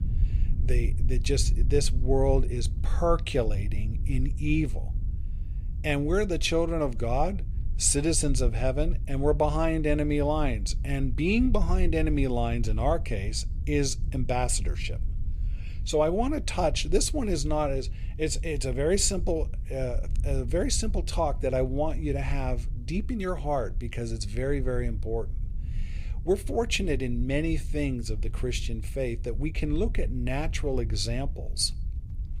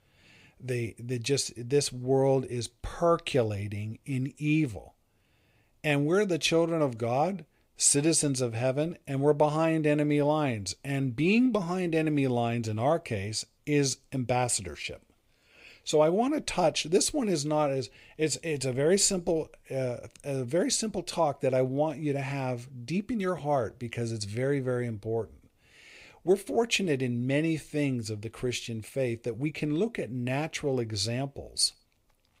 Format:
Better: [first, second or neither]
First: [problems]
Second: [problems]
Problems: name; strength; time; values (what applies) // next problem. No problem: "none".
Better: second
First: low rumble; faint; throughout; 20 dB below the speech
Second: none